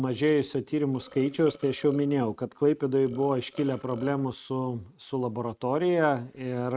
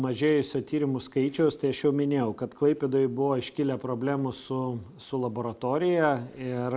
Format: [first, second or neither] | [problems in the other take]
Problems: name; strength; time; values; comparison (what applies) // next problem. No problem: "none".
second | noise reduction (neural mask model RNNoise)